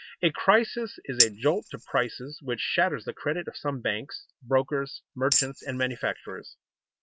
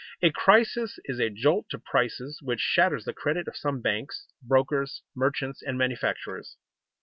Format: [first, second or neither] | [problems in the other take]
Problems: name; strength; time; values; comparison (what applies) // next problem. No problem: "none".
second | noise reduction (neural mask model RNNoise)